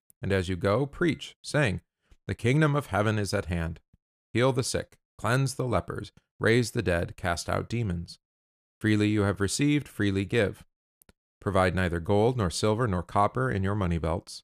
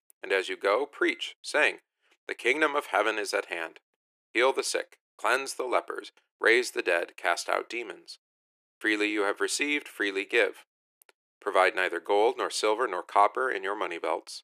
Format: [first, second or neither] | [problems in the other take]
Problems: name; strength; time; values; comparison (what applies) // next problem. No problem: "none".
first | thin; very; fading below 350 Hz